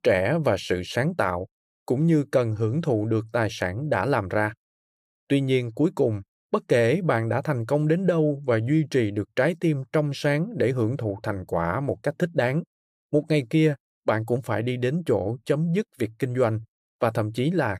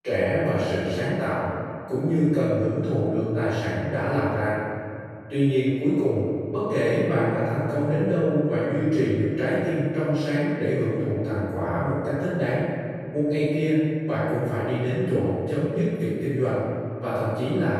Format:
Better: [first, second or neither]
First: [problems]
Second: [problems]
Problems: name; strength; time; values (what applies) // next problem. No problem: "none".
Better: first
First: none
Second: off-mic speech; far // room echo; strong; dies away in 2.2 s